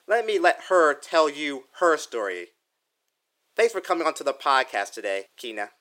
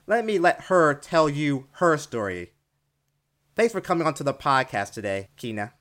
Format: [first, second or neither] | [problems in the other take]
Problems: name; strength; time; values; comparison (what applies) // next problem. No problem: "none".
second | thin; somewhat; fading below 400 Hz